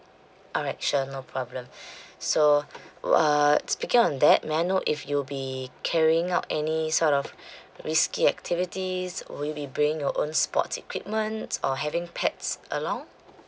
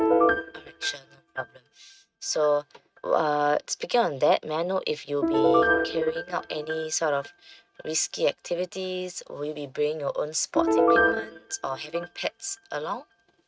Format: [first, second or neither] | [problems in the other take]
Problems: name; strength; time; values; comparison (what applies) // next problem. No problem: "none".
first | noise reduction (neural mask model RNNoise)